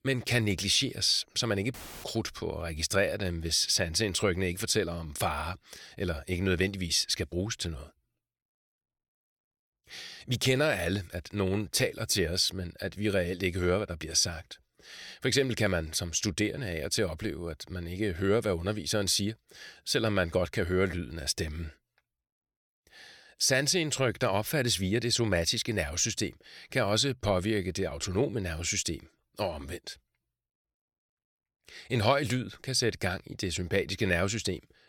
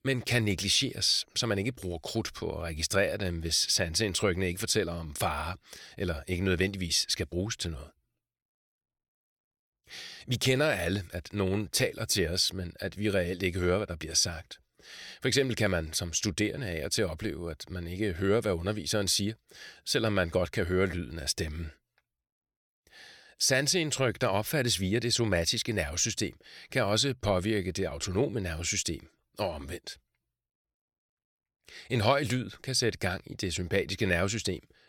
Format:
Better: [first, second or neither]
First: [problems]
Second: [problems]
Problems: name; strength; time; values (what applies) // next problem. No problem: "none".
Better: second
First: audio cutting out; filled with static; at 1.5 s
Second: none